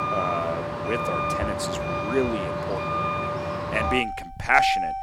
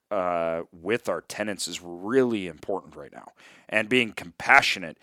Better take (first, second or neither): second